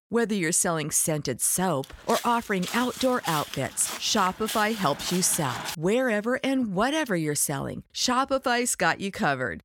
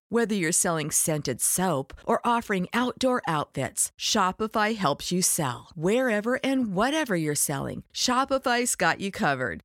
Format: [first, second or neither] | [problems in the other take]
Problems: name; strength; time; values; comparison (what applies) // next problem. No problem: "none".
second | footsteps; noticeable; from 2 to 6 s; peak 8 dB below the speech